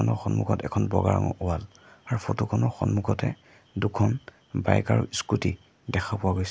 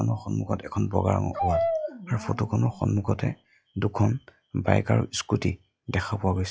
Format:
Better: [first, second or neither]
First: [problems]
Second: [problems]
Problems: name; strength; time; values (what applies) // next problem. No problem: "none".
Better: first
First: none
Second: noise reduction (classical method log-MMSE)